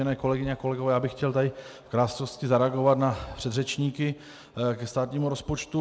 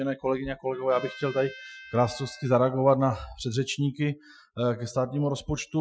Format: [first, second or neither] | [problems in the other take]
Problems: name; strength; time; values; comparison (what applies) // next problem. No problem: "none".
first | noise reduction (classical method Wiener filter)